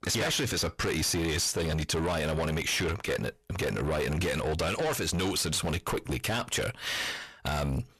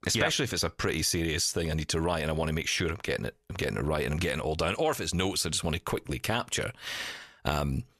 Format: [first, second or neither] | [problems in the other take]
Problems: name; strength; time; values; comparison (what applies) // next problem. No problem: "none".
second | distortion; heavy; 7 dB below the speech